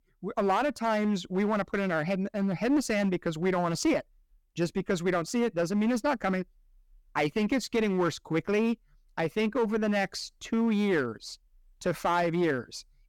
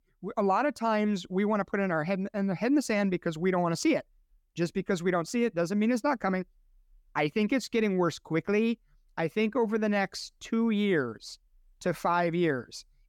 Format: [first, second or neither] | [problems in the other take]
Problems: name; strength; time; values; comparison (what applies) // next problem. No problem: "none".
second | distortion; slight; 7% of the sound clipped